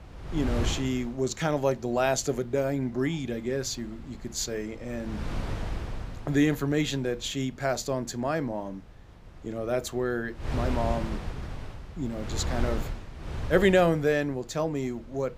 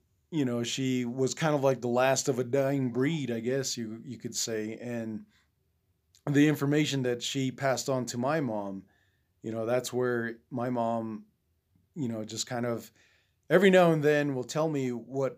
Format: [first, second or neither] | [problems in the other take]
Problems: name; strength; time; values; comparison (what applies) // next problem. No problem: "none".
second | wind noise on the microphone; occasional gusts; 10 dB below the speech